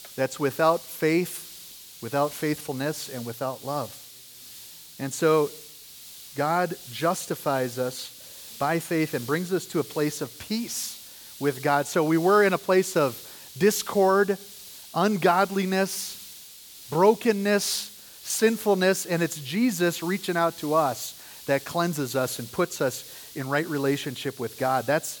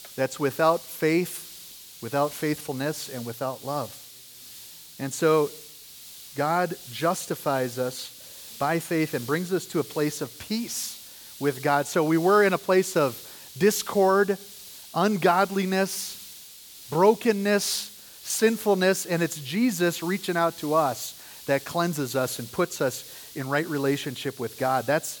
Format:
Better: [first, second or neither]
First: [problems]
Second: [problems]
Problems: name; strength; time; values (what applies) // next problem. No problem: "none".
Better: neither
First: hiss; noticeable; throughout; 15 dB below the speech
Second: hiss; noticeable; throughout; 15 dB below the speech